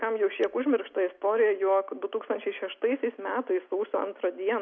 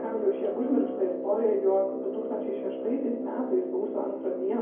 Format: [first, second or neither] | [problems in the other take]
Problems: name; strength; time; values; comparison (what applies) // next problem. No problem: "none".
first | background sound (Brass instrument); 6 dB below the speech // room echo; dies away in 0.9 s